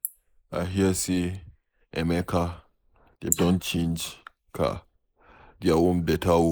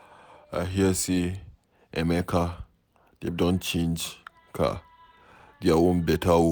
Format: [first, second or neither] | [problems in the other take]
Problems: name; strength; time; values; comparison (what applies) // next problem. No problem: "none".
second | noise reduction (neural mask model Resemble Enhance denoiser)